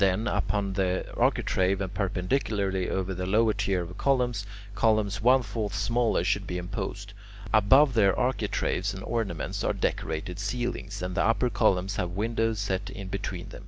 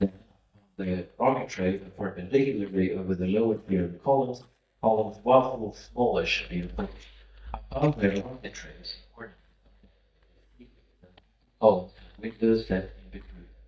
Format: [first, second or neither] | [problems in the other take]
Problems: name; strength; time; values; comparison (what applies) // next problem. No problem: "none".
first | noise reduction (neural mask model DeepFilterNet 3)